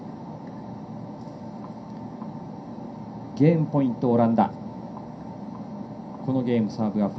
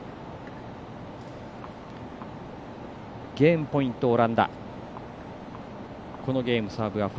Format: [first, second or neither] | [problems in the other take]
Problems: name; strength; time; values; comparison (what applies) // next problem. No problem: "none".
second | room echo; dies away in 0.3 s